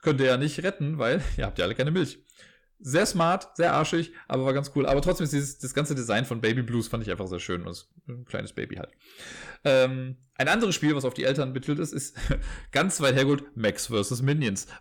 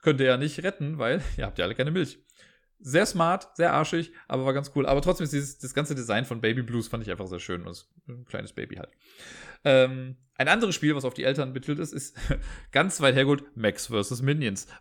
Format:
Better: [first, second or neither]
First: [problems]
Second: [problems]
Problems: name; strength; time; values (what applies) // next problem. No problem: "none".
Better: second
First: distortion; slight; 10 dB below the speech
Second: none